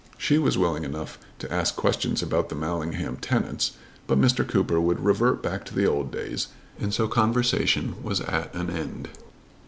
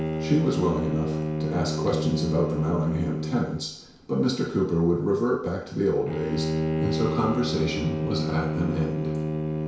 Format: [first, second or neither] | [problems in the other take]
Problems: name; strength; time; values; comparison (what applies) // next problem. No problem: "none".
first | background sound (Bowed string instrument); 2 dB below the speech // room echo; dies away in 0.6 s